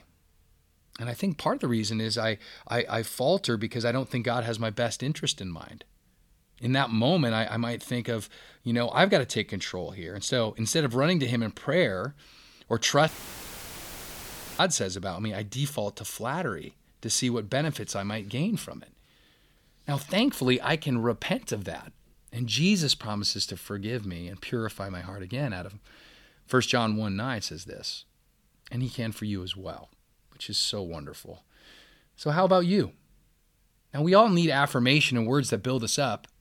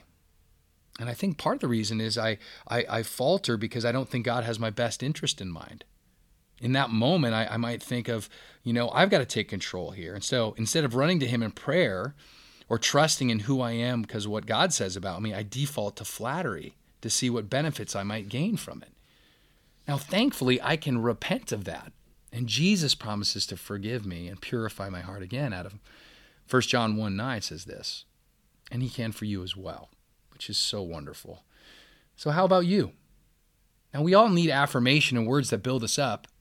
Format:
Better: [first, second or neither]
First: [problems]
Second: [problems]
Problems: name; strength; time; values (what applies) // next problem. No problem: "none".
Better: second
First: audio cutting out; filled with static; at 13 s for 1.5 s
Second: none